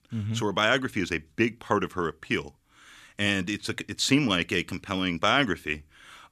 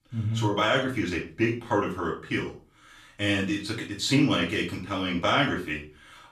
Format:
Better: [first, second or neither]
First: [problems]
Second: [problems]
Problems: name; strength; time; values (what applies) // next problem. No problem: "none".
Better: first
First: none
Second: off-mic speech; far // room echo; slight; dies away in 0.3 s